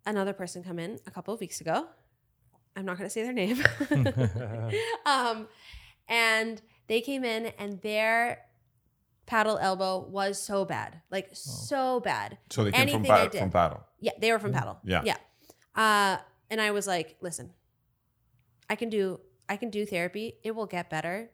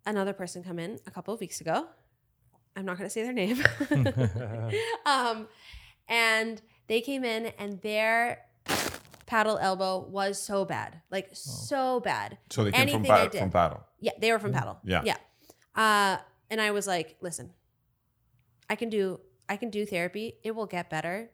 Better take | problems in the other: first | footsteps; noticeable; at 8.5 s; peak 1 dB below the speech

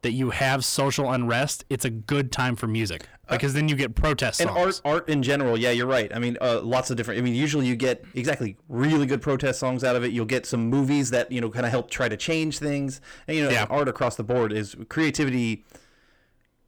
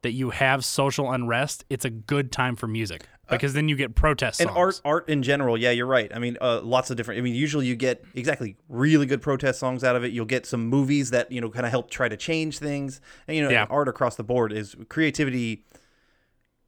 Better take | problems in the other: second | distortion; slight; 10 dB below the speech

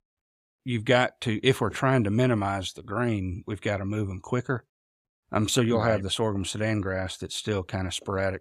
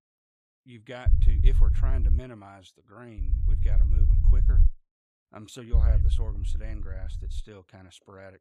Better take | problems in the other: first | low rumble; loud; from 1 to 2 s, from 3 to 4.5 s and from 5.5 to 7.5 s; 1 dB below the speech

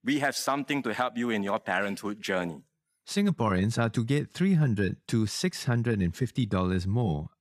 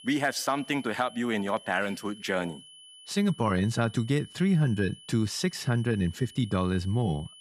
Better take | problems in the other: first | high-pitched whine; noticeable; throughout; 3 kHz, 20 dB below the speech

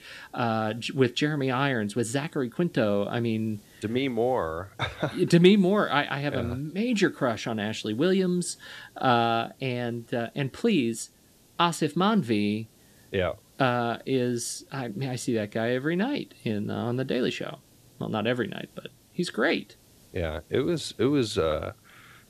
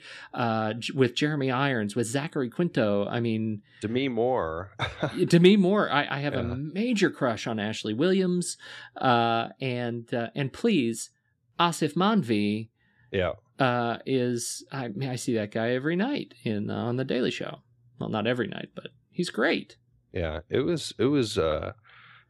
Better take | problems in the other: second | hiss; faint; throughout; 30 dB below the speech

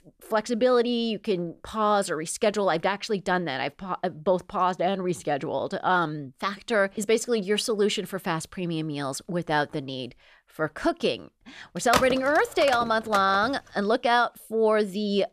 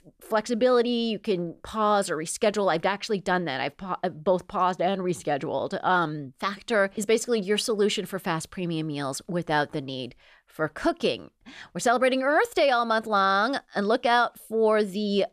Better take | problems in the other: second | phone ringing; noticeable; from 12 to 13 s; peak level with the speech

